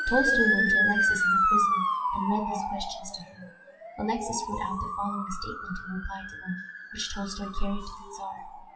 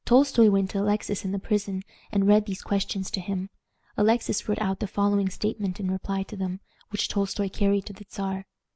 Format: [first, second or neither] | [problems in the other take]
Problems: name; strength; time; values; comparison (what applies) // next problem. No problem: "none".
second | noise reduction (classical method WPE with log-MMSE)